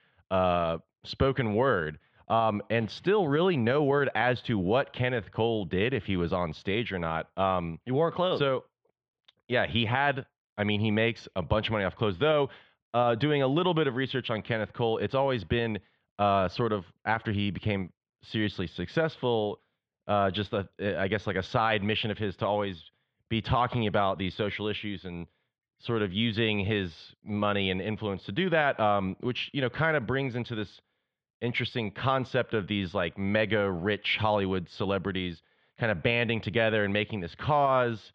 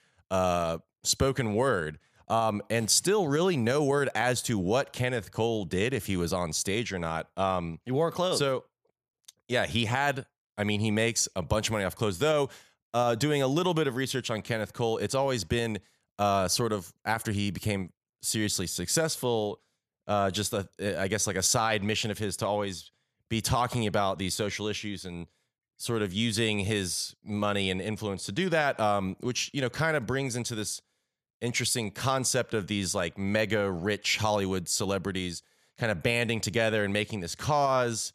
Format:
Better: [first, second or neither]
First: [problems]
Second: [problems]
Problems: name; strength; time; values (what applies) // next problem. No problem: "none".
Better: second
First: muffled; very; fading above 3.5 kHz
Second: none